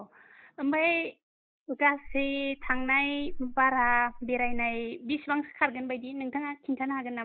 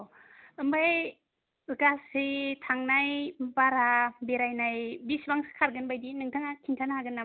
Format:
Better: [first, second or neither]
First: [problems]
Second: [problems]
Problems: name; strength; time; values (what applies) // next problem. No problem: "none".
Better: second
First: noise reduction (neural mask model Resemble Enhance denoiser)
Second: none